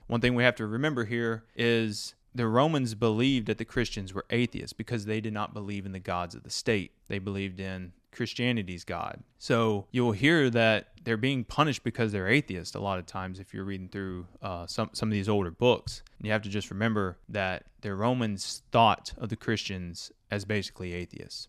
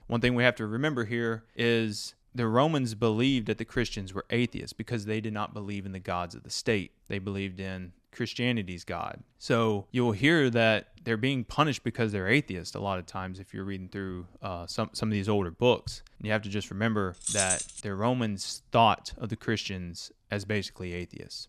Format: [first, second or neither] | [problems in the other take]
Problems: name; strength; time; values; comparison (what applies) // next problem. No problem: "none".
first | jangling keys; loud; at 17 s; peak 3 dB above the speech